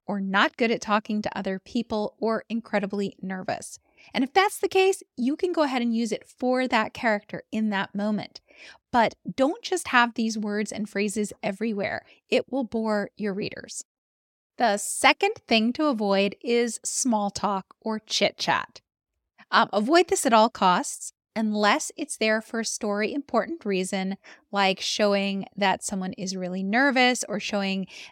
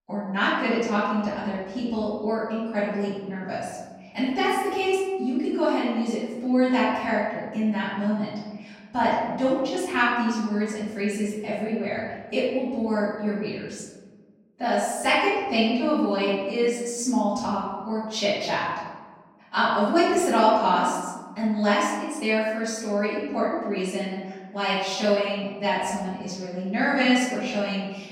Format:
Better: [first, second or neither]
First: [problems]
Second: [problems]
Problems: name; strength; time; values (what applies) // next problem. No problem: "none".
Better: first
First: none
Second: room echo; strong; dies away in 1.2 s // off-mic speech; far